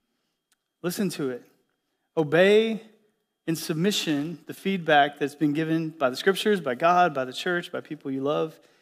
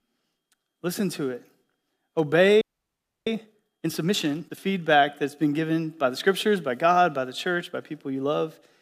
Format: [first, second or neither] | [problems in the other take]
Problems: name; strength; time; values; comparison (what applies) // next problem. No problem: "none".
first | audio freezing; at 2.5 s for 0.5 s